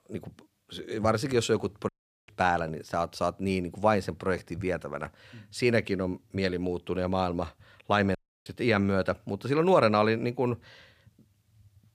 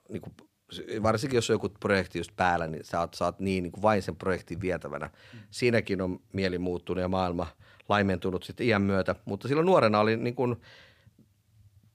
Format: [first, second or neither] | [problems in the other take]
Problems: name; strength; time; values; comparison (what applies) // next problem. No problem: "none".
second | audio cutting out; at 2 s and at 8 s